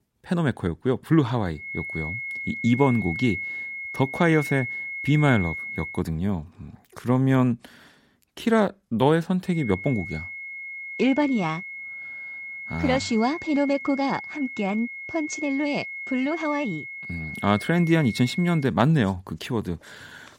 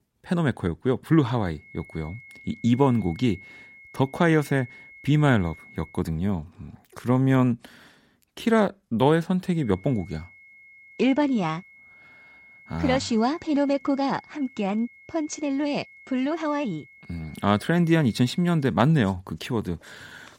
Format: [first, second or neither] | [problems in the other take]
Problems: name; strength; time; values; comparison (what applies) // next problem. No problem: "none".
second | high-pitched whine; loud; from 1.5 to 6 s and from 9.5 to 19 s; 2 kHz, 8 dB below the speech; faint in the second